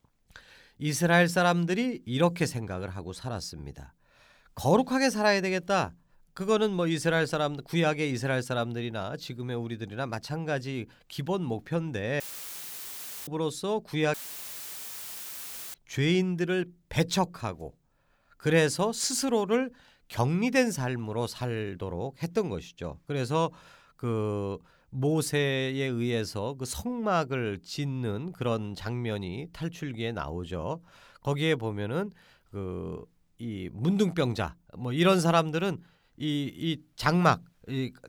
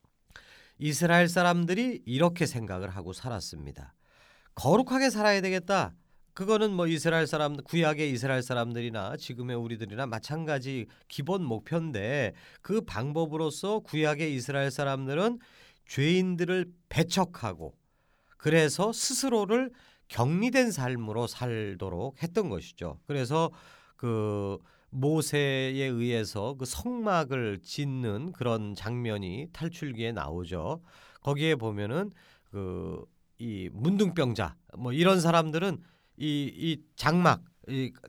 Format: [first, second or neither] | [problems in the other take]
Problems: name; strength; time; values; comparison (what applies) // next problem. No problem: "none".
second | audio cutting out; filled with static; at 12 s for 1 s and at 14 s for 1.5 s